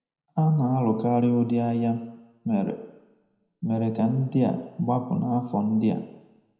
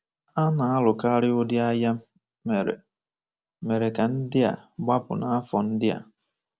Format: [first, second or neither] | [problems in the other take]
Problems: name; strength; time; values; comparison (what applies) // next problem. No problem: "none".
second | room echo; dies away in 0.8 s